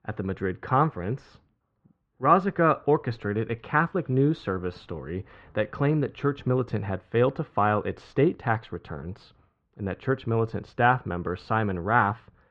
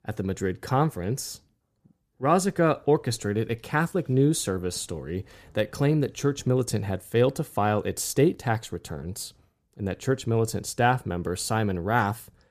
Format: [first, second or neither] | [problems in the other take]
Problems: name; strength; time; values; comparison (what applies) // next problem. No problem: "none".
second | muffled; very; fading above 3 kHz